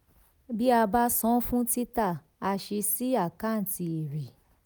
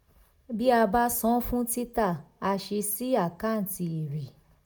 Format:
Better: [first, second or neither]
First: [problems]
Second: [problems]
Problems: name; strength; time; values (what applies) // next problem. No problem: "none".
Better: first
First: none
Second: room echo; dies away in 0.2 s